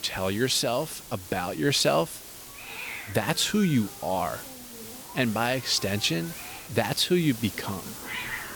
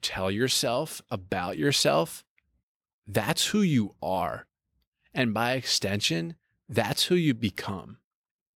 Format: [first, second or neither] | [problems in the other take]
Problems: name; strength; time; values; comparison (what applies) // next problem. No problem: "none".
second | hiss; noticeable; throughout; 10 dB below the speech